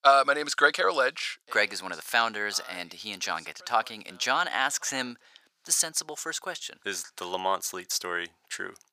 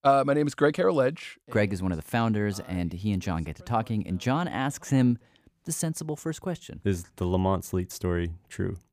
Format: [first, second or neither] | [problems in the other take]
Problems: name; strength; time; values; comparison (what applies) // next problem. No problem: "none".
second | thin; very; fading below 800 Hz